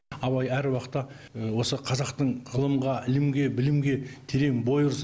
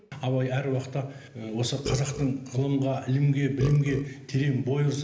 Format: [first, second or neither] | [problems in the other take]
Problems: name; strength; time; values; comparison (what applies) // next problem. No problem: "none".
first | background sound (Burping, eructation); 11 dB below the speech // room echo; dies away in 0.8 s